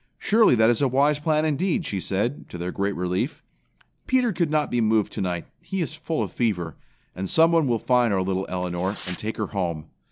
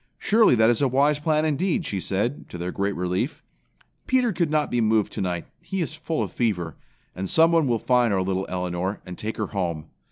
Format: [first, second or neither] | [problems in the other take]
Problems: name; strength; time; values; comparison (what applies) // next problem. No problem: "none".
second | background sound (Tearing); 20 dB below the speech